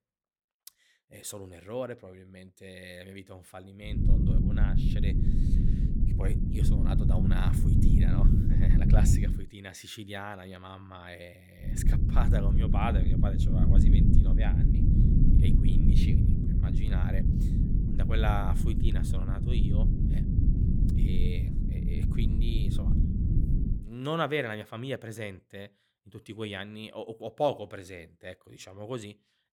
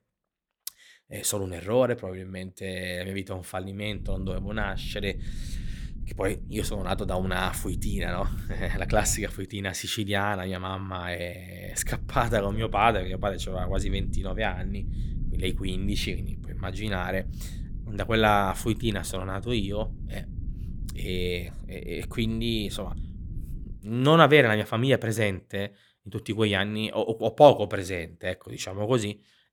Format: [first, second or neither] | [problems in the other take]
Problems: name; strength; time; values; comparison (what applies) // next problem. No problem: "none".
second | low rumble; loud; from 4 to 9.5 s and from 12 to 24 s; 1 dB below the speech; faint in the second